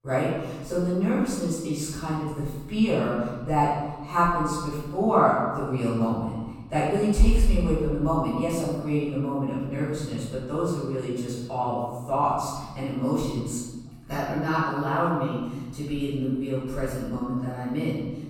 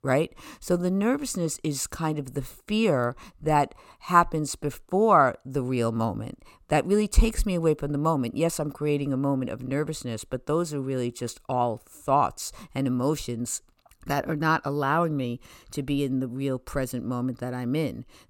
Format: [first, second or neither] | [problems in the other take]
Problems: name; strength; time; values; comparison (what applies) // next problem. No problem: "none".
second | off-mic speech; far // room echo; strong; dies away in 1.3 s